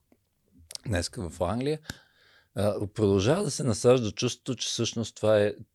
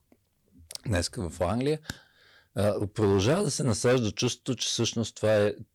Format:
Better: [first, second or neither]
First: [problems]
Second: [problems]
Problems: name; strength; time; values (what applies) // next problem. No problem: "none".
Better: first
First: none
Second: distortion; slight; 5% of the sound clipped